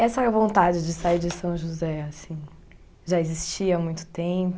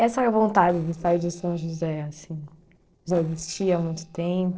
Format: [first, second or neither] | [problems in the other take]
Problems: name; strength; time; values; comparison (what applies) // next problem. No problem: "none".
first | noise reduction (neural separator model SepFormer DNS4)